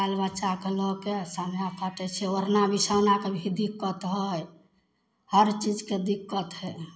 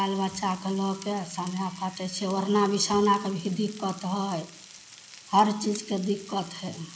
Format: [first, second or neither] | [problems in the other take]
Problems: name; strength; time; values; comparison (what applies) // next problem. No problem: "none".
first | background sound (Frying (food)); 19 dB below the speech